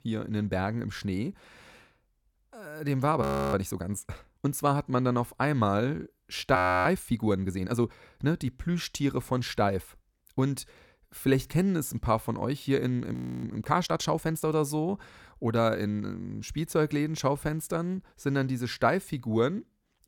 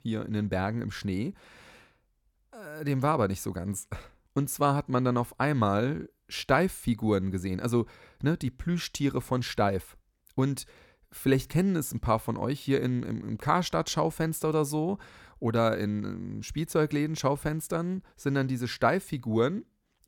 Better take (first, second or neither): second